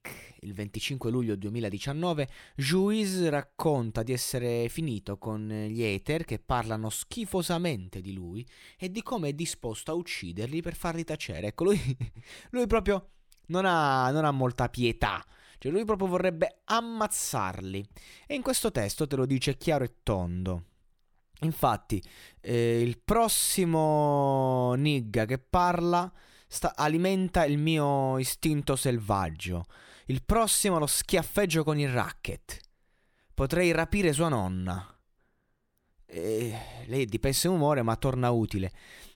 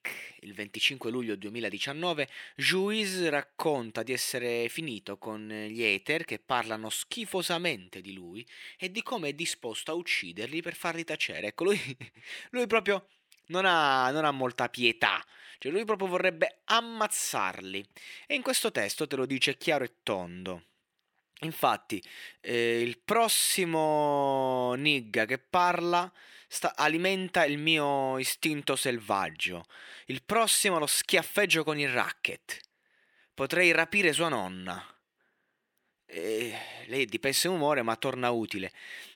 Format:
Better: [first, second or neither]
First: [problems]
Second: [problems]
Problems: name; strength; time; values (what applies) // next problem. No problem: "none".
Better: first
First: none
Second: thin; somewhat; fading below 250 Hz